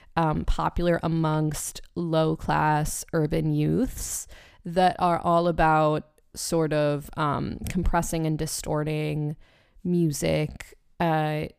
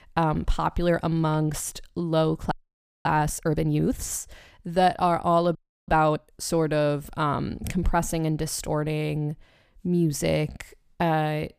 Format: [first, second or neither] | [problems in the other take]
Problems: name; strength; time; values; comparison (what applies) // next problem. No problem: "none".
first | audio freezing; at 2.5 s for 0.5 s and at 5.5 s